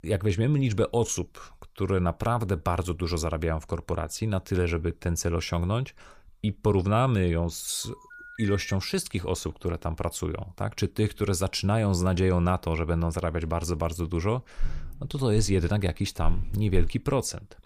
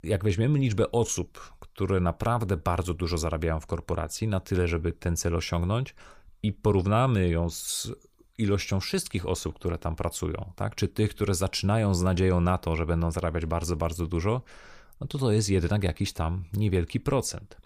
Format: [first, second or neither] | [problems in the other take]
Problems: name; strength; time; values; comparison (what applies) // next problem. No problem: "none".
second | phone ringing; faint; at 8 s; peak 15 dB below the speech // footsteps; noticeable; from 15 to 17 s; peak 8 dB below the speech